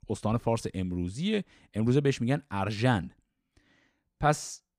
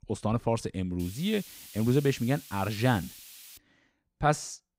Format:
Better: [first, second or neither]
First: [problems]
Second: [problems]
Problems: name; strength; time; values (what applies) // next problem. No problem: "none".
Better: first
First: none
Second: hiss; noticeable; from 1 to 3.5 s; 15 dB below the speech